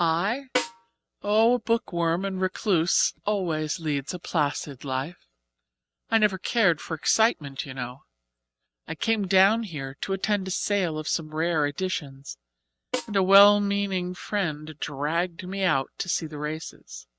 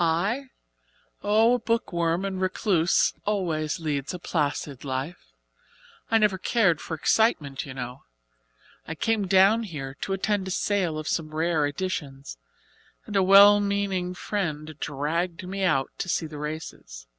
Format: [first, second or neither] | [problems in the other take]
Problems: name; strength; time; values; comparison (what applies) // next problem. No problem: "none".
second | noise reduction (neural mask model RNNoise)